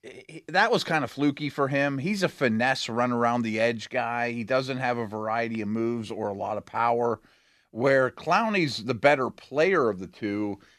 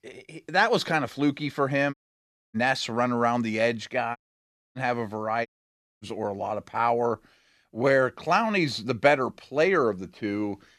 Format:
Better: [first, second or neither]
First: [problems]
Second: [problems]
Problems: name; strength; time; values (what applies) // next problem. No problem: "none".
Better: first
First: none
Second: audio cutting out; at 2 s for 0.5 s, at 4 s for 0.5 s and at 5.5 s for 0.5 s